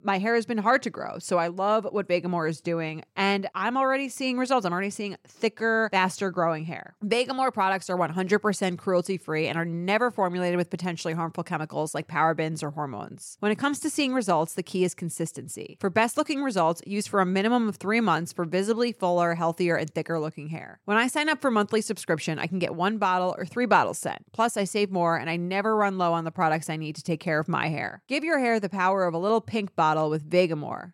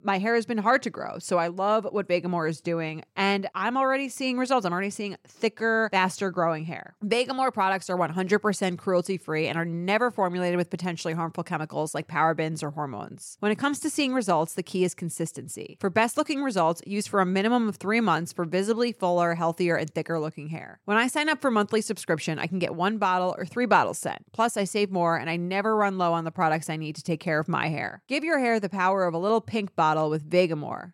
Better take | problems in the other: neither | none

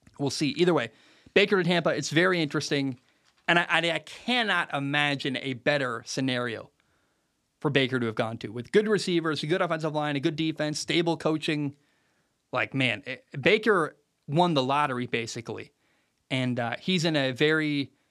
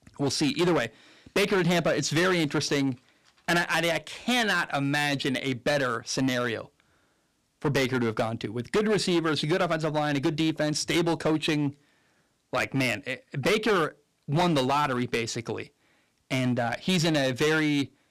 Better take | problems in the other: first | distortion; heavy; 10% of the sound clipped

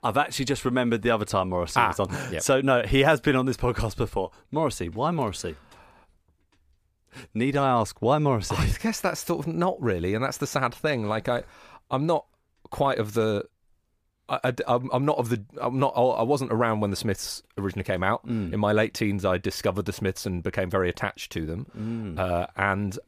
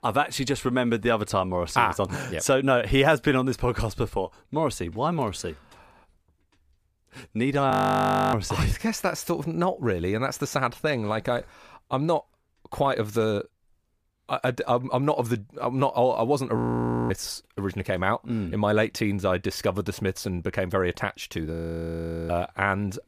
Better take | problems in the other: first | audio freezing; at 7.5 s for 0.5 s, at 17 s for 0.5 s and at 22 s for 1 s

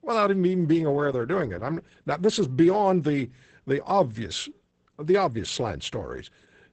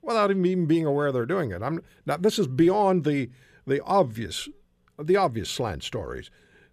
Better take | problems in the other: second | garbled, watery; badly; nothing above 8 kHz

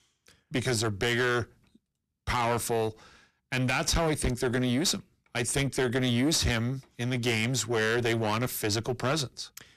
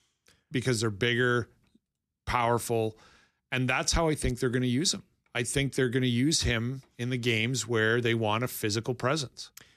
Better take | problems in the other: second | distortion; heavy; 12% of the sound clipped

